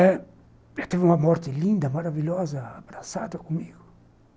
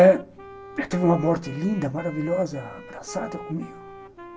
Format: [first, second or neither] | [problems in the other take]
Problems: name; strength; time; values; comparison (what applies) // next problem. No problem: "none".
first | background sound (Wind instrument, woodwind instrument); 17 dB below the speech // room echo; dies away in 0.1 s